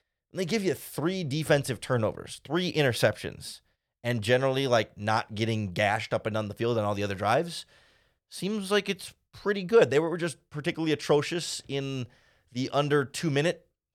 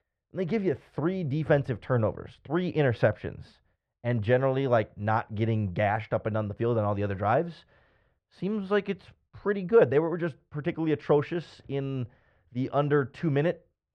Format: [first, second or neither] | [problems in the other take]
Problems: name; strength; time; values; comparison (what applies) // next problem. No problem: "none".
first | muffled; very; fading above 1.5 kHz